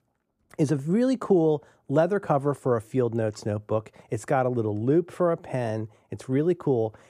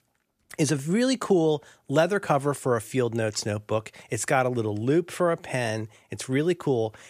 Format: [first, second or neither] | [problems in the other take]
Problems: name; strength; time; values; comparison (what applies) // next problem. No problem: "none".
second | muffled; slightly; fading above 1 kHz